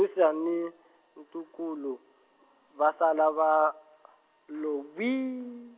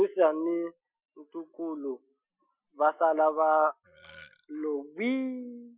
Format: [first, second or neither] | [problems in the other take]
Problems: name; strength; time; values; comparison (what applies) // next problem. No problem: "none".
first | noise reduction (classical method Wiener filter)